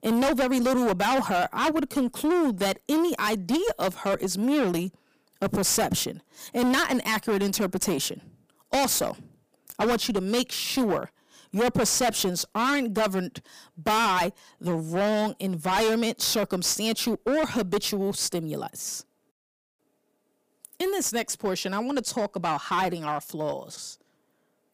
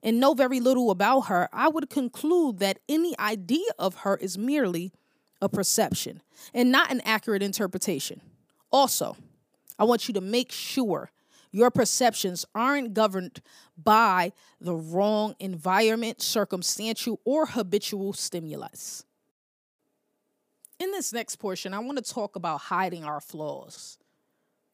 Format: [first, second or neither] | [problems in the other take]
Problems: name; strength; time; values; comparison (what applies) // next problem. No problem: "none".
second | distortion; heavy; 16% of the sound clipped